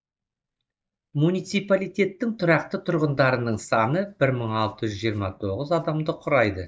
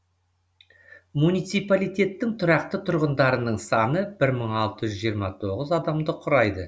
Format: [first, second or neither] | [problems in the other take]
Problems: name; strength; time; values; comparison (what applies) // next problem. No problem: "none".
second | noise reduction (neural mask model DeepFilterNet 3)